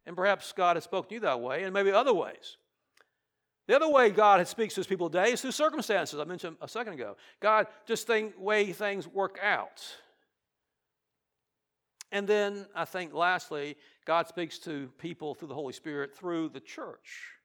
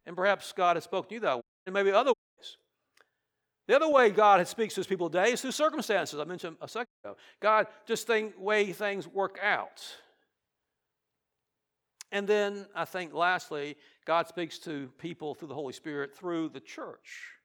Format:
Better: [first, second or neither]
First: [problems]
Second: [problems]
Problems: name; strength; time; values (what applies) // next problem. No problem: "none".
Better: first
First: none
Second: audio cutting out; at 1.5 s, at 2 s and at 7 s